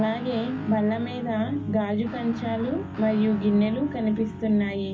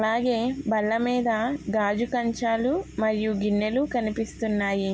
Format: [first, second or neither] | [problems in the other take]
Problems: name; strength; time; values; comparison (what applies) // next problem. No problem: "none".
second | background sound (Guitar); 11 dB below the speech // room echo; dies away in 0.4 s